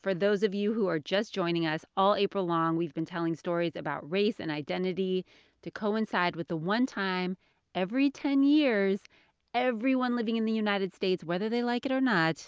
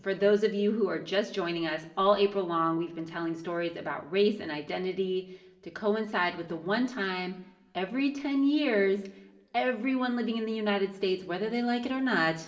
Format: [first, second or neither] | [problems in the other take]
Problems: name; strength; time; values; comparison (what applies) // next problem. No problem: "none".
first | room echo; dies away in 0.7 s